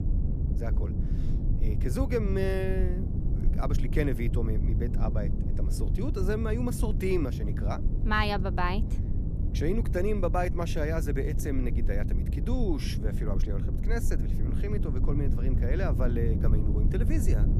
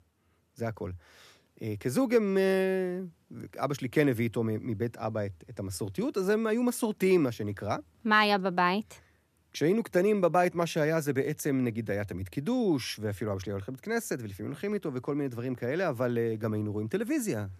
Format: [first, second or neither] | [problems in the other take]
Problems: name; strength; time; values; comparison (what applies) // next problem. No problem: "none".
second | low rumble; loud; throughout; 9 dB below the speech